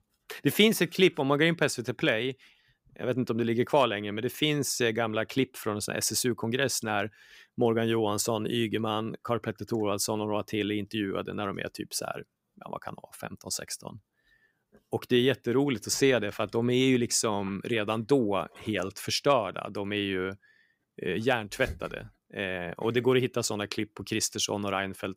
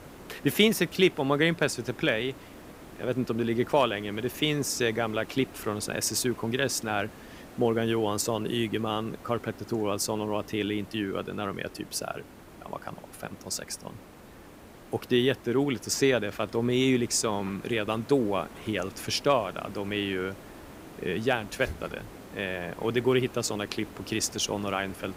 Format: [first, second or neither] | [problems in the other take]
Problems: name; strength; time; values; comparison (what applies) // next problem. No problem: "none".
first | hiss; noticeable; throughout; 20 dB below the speech